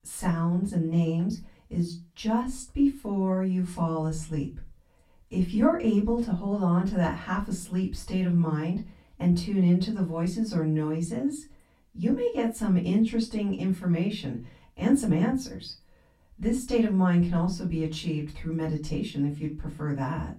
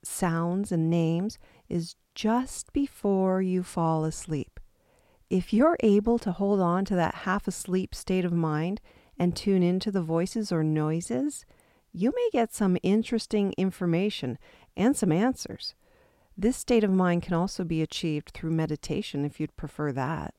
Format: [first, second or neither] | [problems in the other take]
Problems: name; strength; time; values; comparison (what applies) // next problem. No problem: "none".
second | off-mic speech; far // room echo; very slight; dies away in 0.3 s